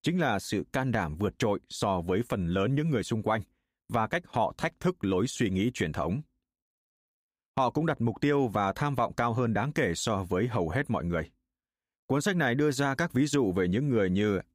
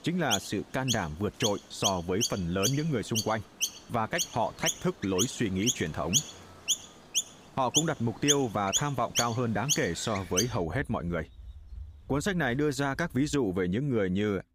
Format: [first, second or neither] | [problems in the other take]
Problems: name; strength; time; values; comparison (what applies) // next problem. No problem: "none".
first | animal sounds; loud; throughout; 1 dB below the speech